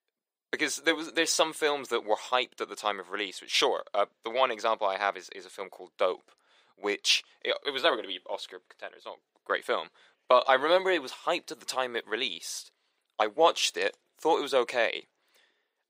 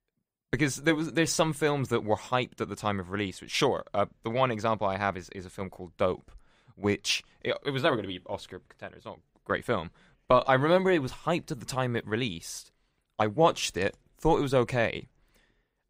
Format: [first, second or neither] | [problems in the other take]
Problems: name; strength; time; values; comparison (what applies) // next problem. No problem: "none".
second | thin; very; fading below 400 Hz